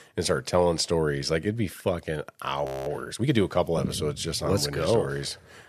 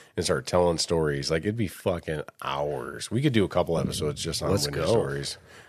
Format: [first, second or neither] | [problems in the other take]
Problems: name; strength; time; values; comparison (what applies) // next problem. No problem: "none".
second | audio freezing; at 2.5 s